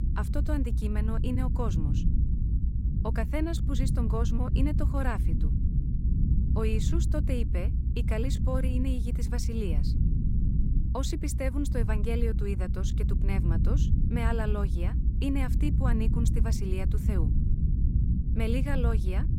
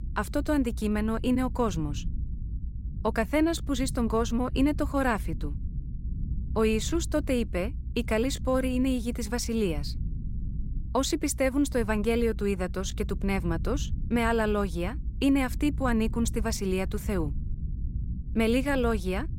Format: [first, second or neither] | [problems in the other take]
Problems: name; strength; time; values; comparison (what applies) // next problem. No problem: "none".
second | low rumble; loud; throughout; 6 dB below the speech; faint in the second